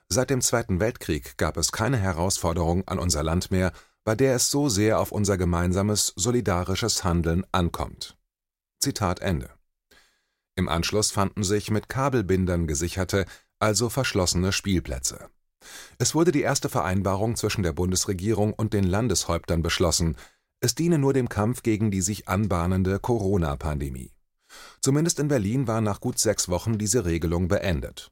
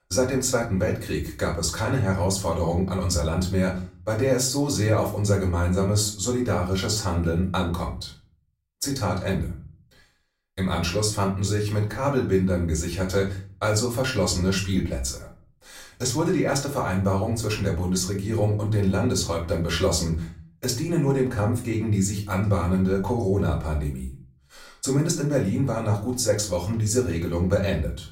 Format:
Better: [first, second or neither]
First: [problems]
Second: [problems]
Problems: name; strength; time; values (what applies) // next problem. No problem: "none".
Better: first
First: none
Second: off-mic speech; far // room echo; slight; dies away in 0.4 s